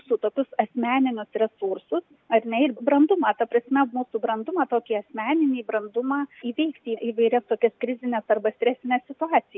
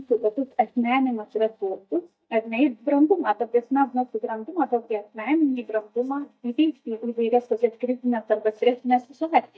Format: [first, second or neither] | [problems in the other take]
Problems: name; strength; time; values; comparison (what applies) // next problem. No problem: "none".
first | noise reduction (neural mask model DeepFilterNet 3)